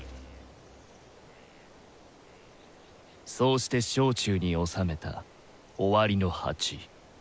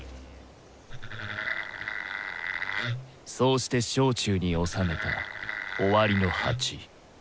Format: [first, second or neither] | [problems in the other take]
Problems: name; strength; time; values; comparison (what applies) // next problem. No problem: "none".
first | background sound (Wood); 4 dB below the speech